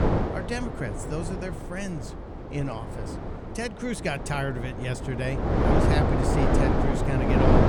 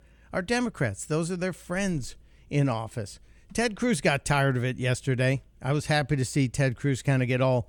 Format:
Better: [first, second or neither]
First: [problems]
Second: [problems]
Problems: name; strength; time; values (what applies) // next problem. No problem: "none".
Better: second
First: wind noise on the microphone; heavy; 4 dB above the speech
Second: none